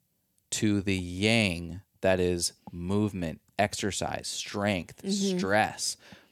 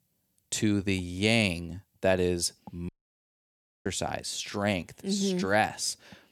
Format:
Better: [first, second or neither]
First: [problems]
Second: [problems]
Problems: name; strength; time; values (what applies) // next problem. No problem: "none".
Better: first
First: none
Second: audio cutting out; at 3 s for 1 s